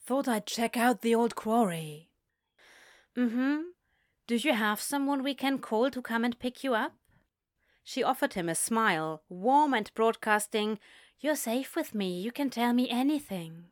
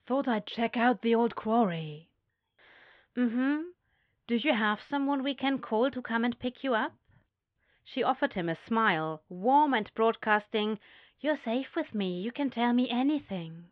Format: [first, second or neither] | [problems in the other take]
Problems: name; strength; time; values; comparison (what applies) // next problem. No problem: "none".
first | muffled; very; fading above 3.5 kHz